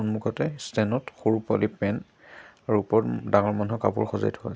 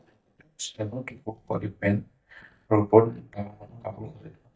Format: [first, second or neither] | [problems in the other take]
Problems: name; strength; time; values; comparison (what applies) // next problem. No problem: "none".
first | noise reduction (neural mask model DeepFilterNet 3)